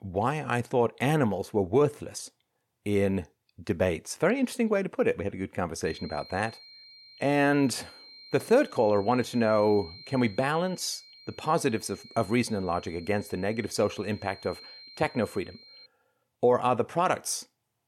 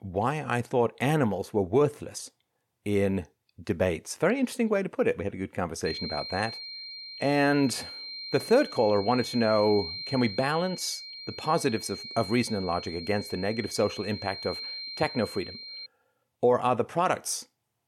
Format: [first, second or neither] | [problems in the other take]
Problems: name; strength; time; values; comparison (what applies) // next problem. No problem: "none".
first | high-pitched whine; loud; from 6 to 16 s; 4 kHz, 10 dB below the speech; faint in the first